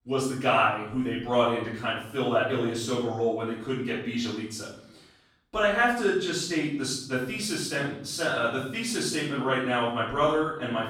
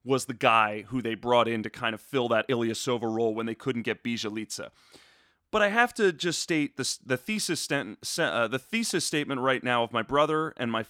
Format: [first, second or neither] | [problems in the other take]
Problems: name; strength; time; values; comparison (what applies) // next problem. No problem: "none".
second | off-mic speech; far // room echo; noticeable; dies away in 0.7 s